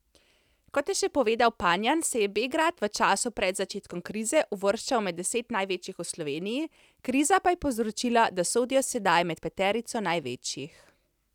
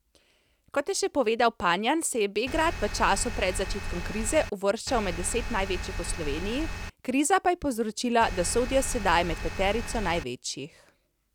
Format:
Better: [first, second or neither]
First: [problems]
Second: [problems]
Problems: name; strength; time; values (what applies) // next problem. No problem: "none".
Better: first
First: none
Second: background sound (Engine); 5 dB below the speech